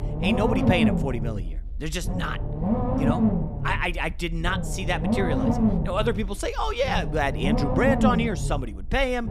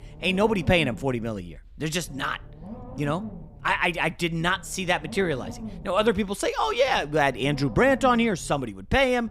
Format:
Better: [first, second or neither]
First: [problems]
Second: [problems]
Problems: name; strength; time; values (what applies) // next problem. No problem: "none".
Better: second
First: low rumble; loud; throughout; 3 dB below the speech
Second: low rumble; faint; throughout; 20 dB below the speech